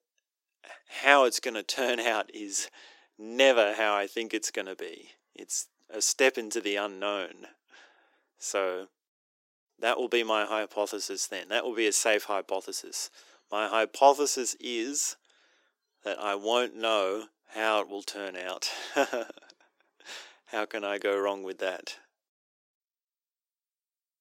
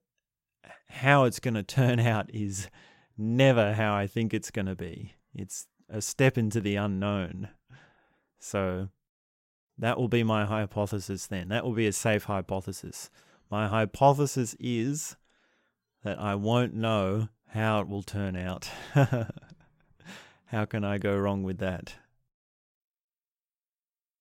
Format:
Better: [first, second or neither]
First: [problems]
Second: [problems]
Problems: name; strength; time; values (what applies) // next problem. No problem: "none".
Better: second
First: thin; very; fading below 300 Hz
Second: none